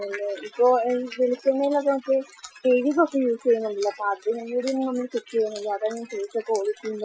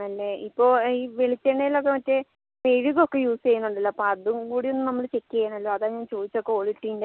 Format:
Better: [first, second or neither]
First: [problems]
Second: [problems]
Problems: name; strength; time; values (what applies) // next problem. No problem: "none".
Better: second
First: noise reduction (classical method Wiener filter)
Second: none